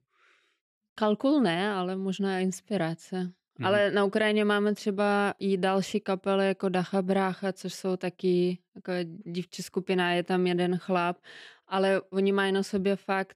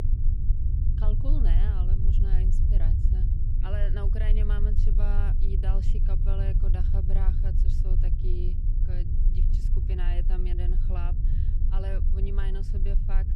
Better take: first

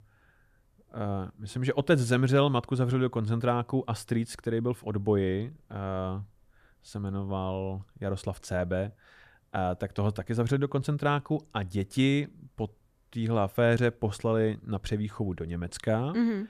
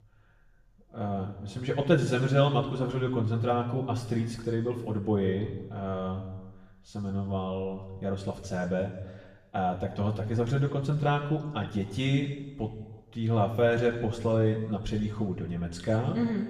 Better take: first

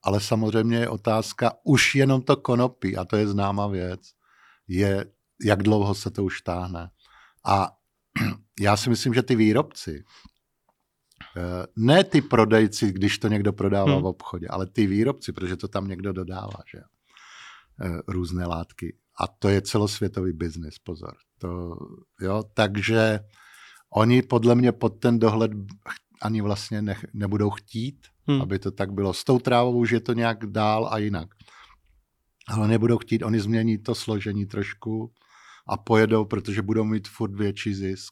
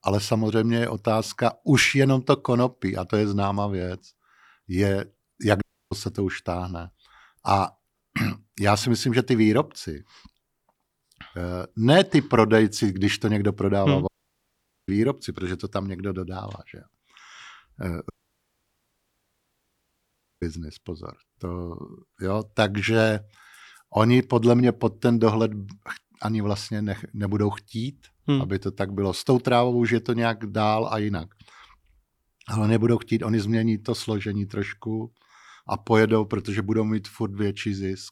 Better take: first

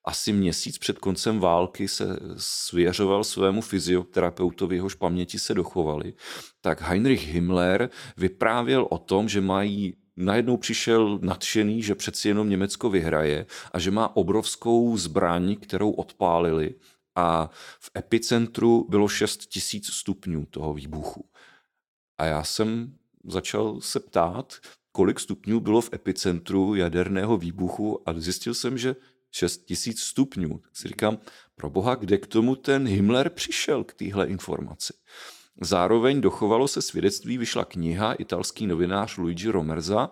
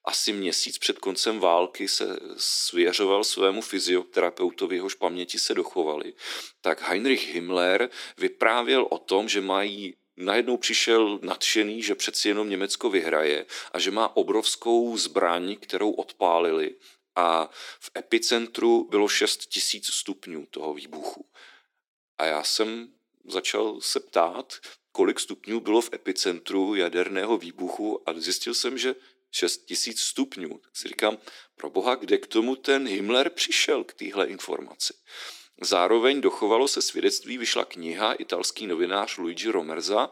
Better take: first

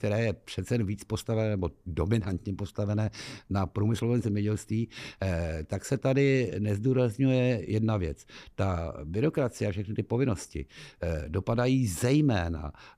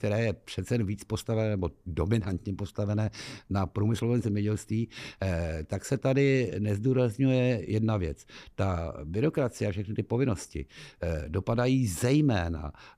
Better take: neither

